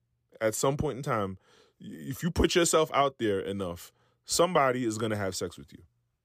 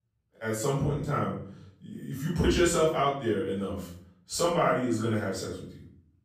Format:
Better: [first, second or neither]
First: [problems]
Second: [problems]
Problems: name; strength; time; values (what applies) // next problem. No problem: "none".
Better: first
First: none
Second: off-mic speech; far // room echo; noticeable; dies away in 0.6 s